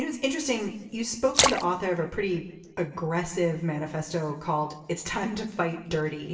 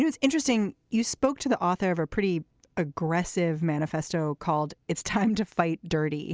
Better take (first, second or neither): second